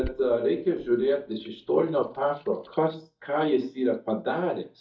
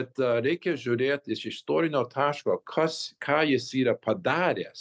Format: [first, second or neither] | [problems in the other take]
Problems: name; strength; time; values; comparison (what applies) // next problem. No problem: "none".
second | noise reduction (neural mask model DeepFilterNet 3)